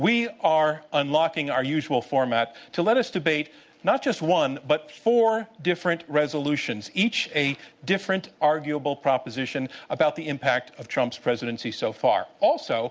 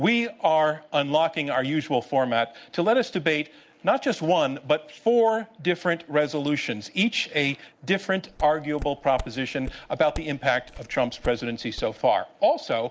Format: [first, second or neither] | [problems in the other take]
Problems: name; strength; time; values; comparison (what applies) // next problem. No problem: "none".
first | noise reduction (neural mask model Resemble Enhance denoiser)